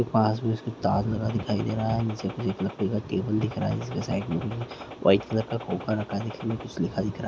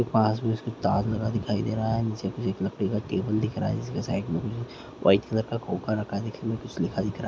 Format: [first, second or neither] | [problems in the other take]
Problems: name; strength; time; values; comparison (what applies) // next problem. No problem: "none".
second | background sound (Gunshot, gunfire); 16 dB below the speech